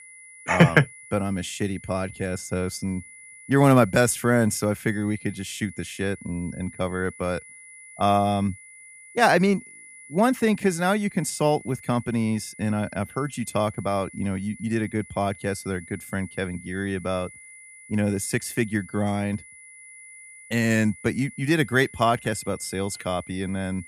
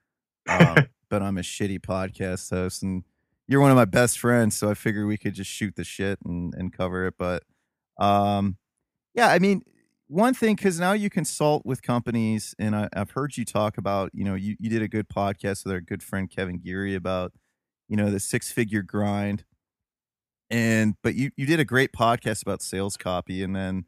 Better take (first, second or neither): second